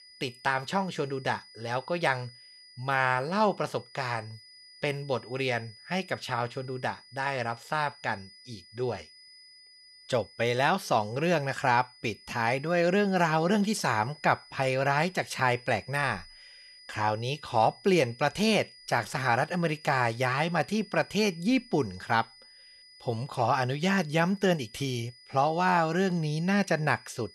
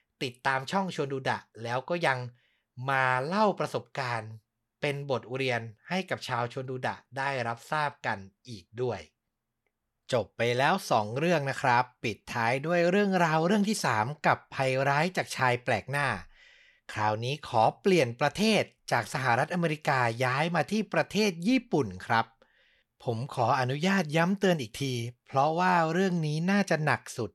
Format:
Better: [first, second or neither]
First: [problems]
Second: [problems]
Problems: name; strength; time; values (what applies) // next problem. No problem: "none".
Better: second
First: high-pitched whine; faint; throughout; 5 kHz, 20 dB below the speech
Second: none